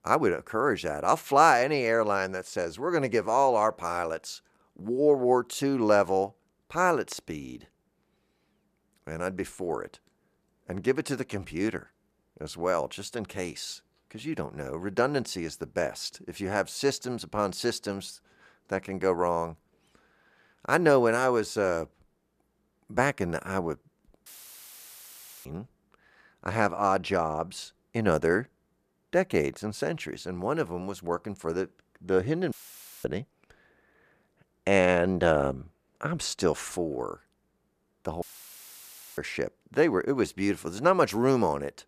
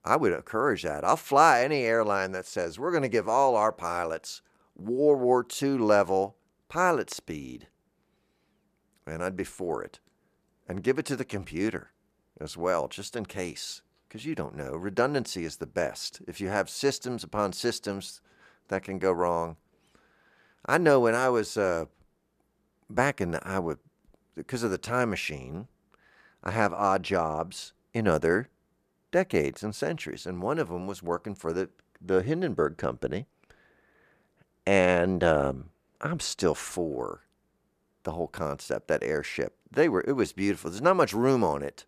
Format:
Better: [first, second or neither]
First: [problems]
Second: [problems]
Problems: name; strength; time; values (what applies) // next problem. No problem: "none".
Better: second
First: audio cutting out; filled with static; at 24 s for 1 s, at 33 s for 0.5 s and at 38 s for 1 s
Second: none